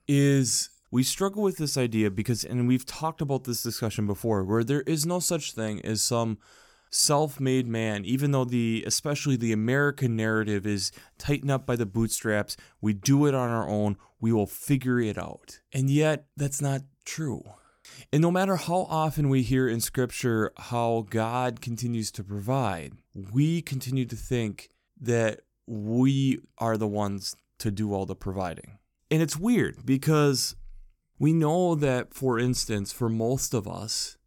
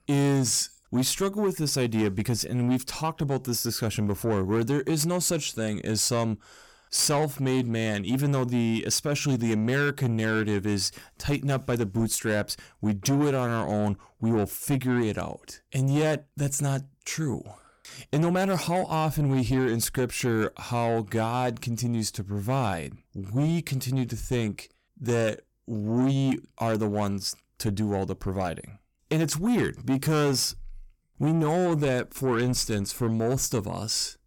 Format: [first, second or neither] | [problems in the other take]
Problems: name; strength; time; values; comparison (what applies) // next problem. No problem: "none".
first | distortion; slight; 10 dB below the speech